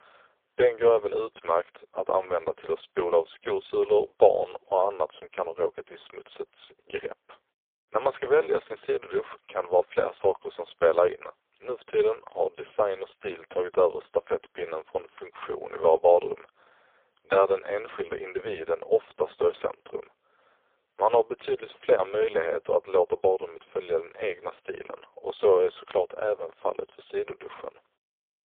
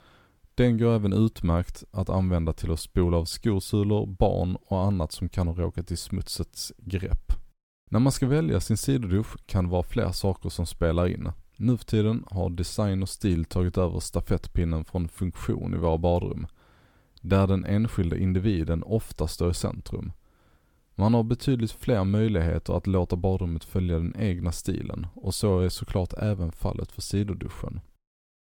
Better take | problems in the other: second | phone-call audio; poor line; nothing above 3.5 kHz

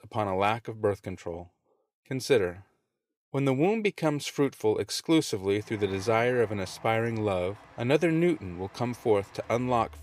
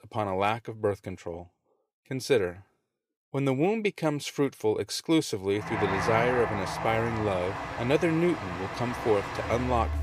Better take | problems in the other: first | train or aircraft noise; loud; from 6 s on; 5 dB below the speech; faint in the first

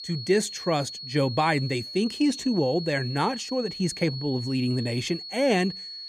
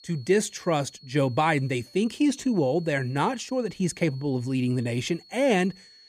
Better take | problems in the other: second | high-pitched whine; loud; throughout; 4.5 kHz, 9 dB below the speech; faint in the second

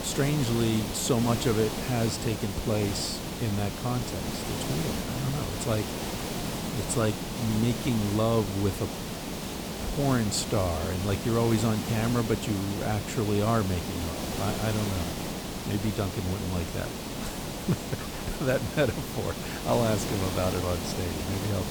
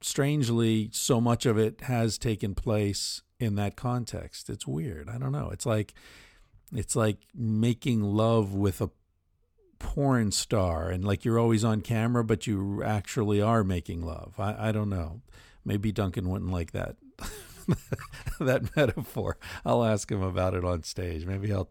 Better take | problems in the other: second | hiss; loud; throughout; 4 dB below the speech

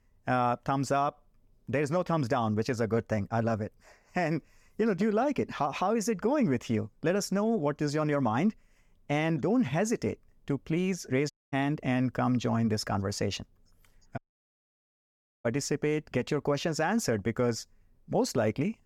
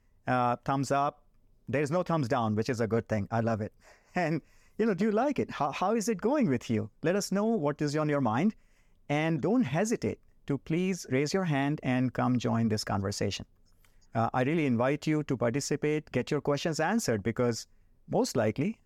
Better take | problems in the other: second | audio cutting out; at 11 s and at 14 s for 1.5 s

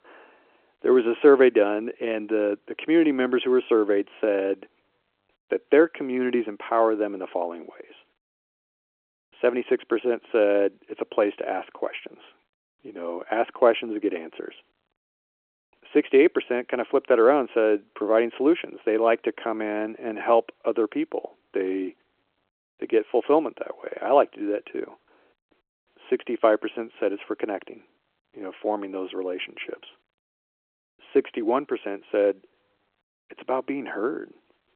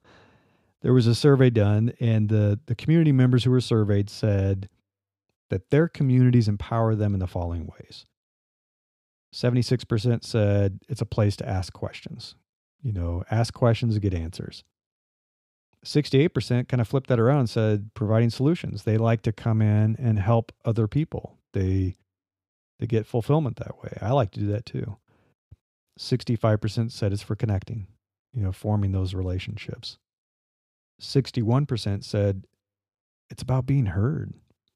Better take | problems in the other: second | phone-call audio

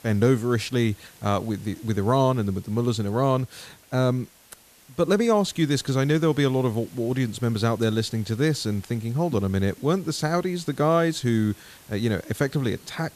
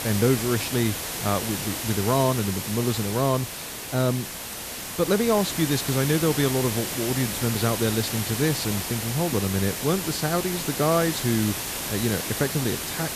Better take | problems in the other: first | hiss; loud; throughout; 4 dB below the speech; faint in the first

